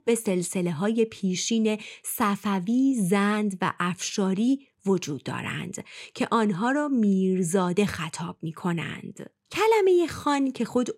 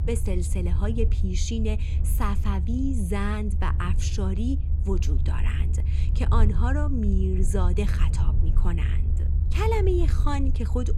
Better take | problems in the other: first | low rumble; loud; throughout; 10 dB below the speech

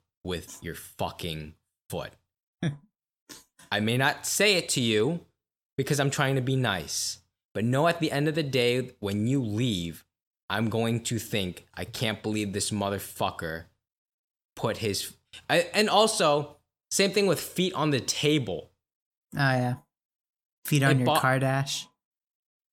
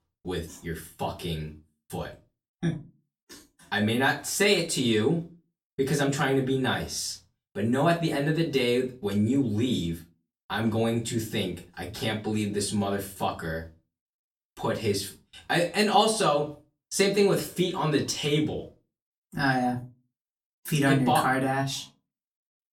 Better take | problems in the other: first | off-mic speech; far // room echo; very slight; dies away in 0.2 s

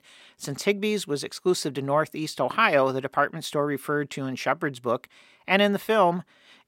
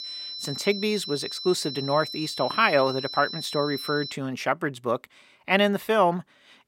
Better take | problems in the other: first | high-pitched whine; loud; until 4 s; 4 kHz, 8 dB below the speech

